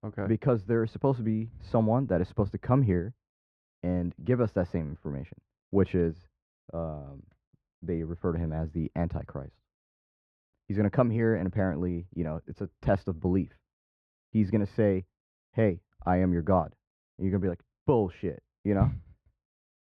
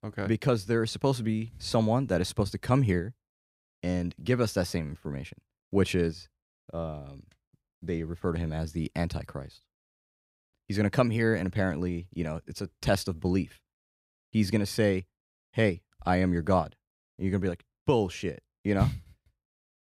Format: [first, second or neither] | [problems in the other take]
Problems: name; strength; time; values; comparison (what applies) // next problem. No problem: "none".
second | muffled; very; fading above 3.5 kHz